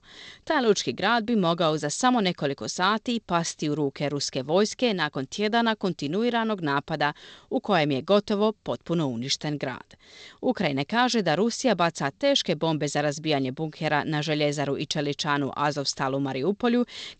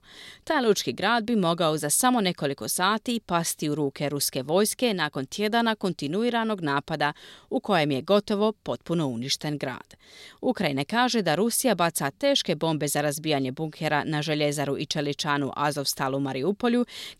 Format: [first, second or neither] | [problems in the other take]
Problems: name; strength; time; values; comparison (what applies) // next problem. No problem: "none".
second | garbled, watery; slightly; nothing above 8 kHz